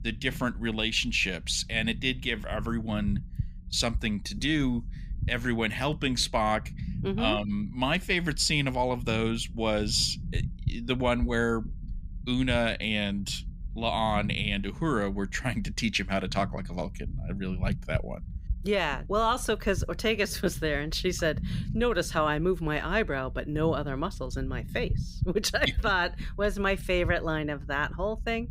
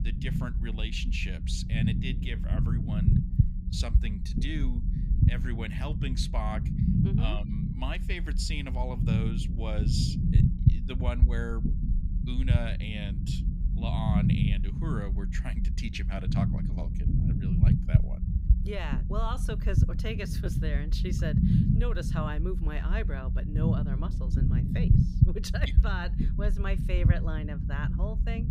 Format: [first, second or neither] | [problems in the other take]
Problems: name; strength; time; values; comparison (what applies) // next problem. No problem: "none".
first | low rumble; loud; throughout; 2 dB below the speech; faint in the first